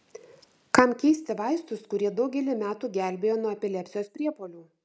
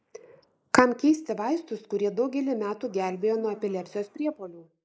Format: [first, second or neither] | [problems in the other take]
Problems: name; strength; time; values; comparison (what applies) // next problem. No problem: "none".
first | noise reduction (neural mask model Resemble Enhance denoiser)